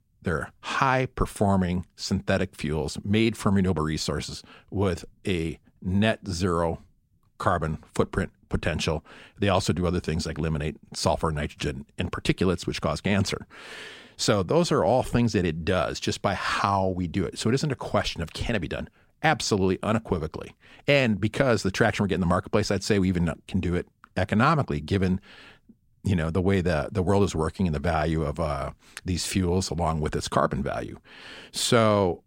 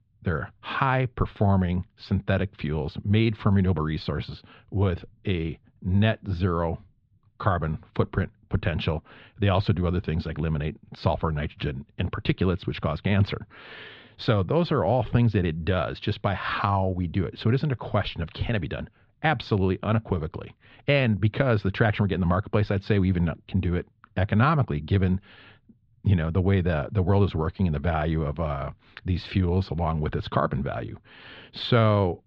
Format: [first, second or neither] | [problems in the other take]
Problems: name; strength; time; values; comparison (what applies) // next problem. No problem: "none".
first | muffled; slightly; fading above 4 kHz